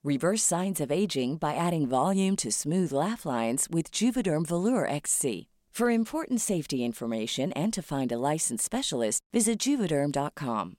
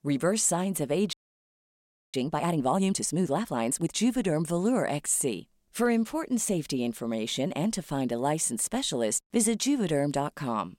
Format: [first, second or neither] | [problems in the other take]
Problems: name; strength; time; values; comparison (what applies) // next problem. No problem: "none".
first | audio freezing; at 1 s for 1 s